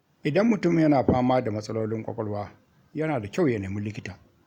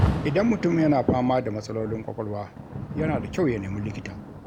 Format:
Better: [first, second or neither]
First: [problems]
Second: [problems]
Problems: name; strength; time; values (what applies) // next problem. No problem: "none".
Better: first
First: none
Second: background sound (Rain); 6 dB below the speech